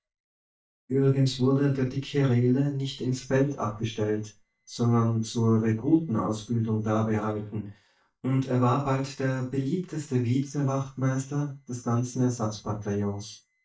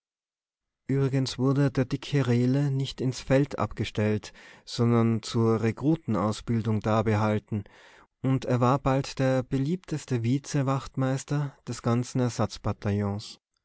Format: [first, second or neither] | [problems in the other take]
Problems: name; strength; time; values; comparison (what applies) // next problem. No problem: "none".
second | noise reduction (neural mask model DeepFilterNet 3)